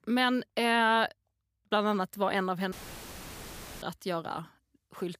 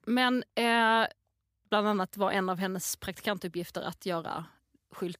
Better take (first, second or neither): second